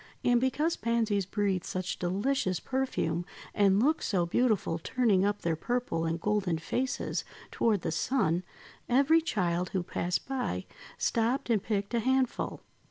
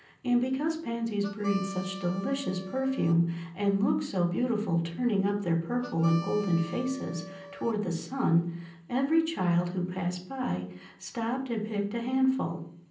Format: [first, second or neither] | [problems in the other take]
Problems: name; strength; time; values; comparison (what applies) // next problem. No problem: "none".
first | background sound (Harmonica); 15 dB below the speech // room echo; dies away in 0.6 s